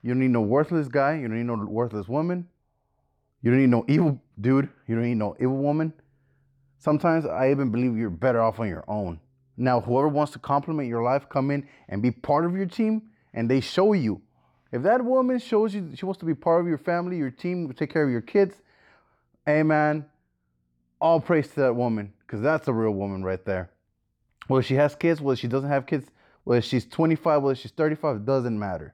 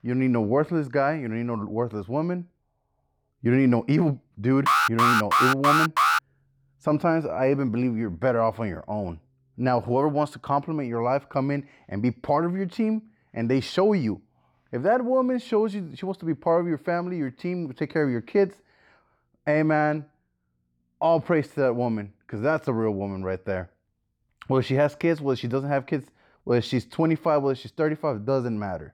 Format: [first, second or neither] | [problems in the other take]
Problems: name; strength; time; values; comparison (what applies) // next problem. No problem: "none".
first | alarm; loud; from 4.5 to 6 s; peak 6 dB above the speech